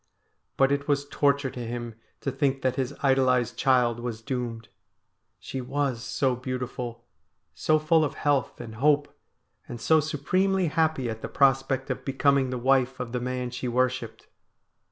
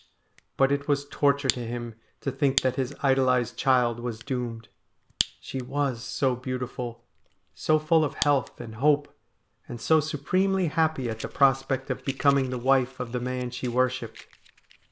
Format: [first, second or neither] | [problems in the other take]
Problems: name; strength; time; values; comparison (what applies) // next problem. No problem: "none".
first | background sound (Fire); 15 dB below the speech